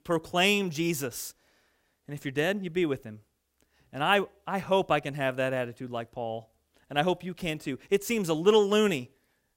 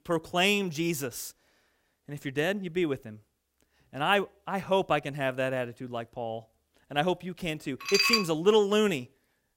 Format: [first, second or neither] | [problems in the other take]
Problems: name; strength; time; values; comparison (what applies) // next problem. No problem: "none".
first | clattering dishes; loud; at 8 s; peak 6 dB above the speech